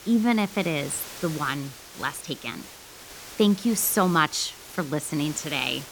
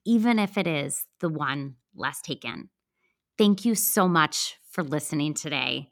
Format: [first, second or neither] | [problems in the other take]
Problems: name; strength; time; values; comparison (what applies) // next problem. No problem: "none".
second | hiss; noticeable; throughout; 15 dB below the speech